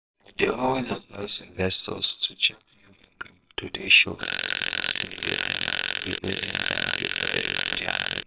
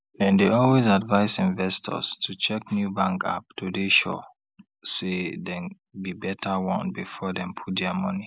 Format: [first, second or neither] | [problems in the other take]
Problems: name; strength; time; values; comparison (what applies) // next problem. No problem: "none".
second | noise reduction (neural separator model SepFormer WHAMR!)